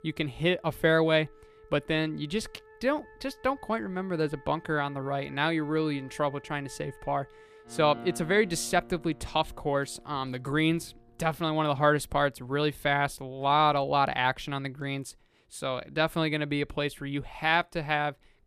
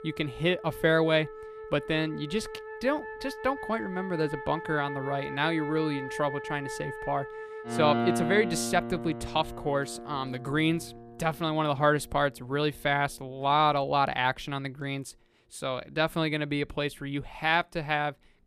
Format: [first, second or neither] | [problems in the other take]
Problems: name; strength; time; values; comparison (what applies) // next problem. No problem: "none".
first | background music; loud; throughout; 8 dB below the speech; faint in the first